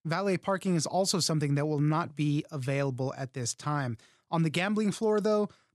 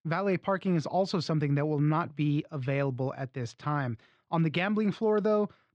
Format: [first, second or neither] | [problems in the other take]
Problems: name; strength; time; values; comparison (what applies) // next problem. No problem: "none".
first | muffled; slightly; fading above 3.5 kHz